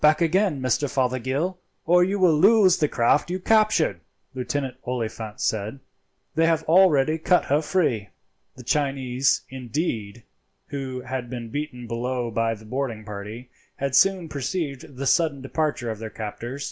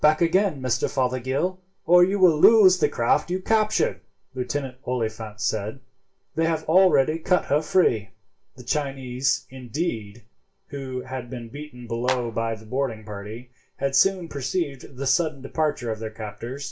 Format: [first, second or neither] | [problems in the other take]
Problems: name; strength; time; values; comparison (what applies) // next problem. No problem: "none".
first | background sound (Clapping); 8 dB below the speech // room echo; dies away in 0.2 s